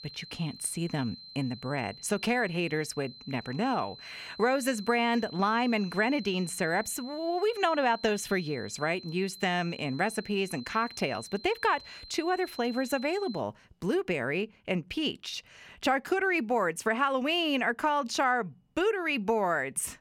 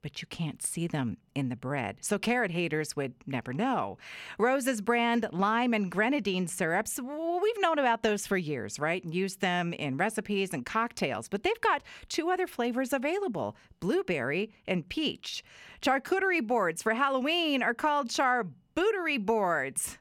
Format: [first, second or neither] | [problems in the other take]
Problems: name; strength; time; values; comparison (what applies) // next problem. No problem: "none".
second | high-pitched whine; noticeable; until 13 s; 4 kHz, 15 dB below the speech